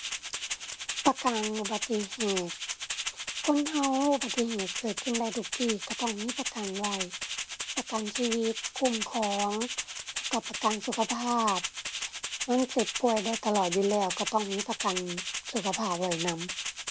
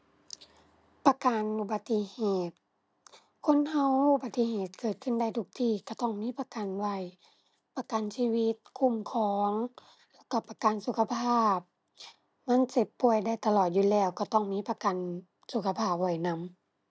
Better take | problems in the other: second | background sound (Rattle (instrument)); 5 dB below the speech

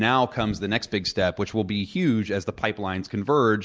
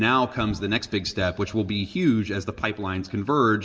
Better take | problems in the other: first | room echo; dies away in 0.5 s

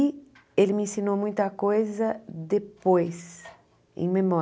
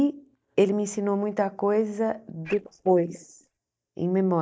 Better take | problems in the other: first | noise reduction (neural mask model DeepFilterNet 3)

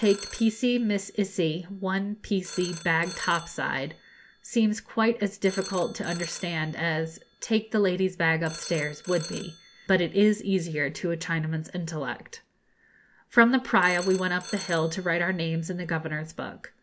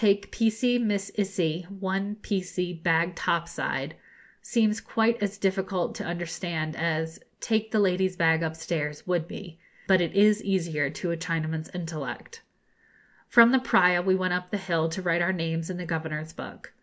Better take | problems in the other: second | background sound (Telephone); 15 dB below the speech

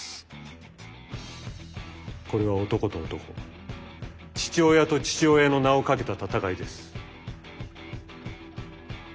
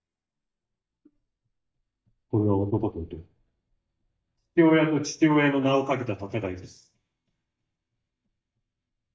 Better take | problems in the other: first | noise reduction (neural mask model DeepFilterNet 3)

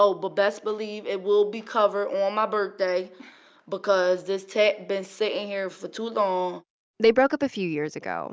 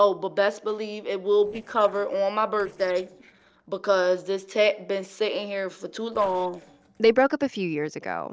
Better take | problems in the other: first | noise reduction (neural separator model SepFormer DNS4)

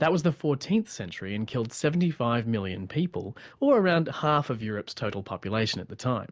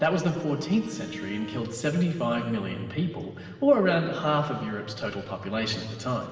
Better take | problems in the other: first | background sound (Bowed string instrument); 14 dB below the speech // room echo; dies away in 2.3 s

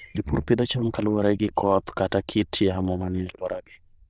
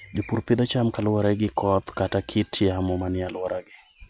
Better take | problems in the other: second | noise reduction (neural diffusion model UNIVERSE++)

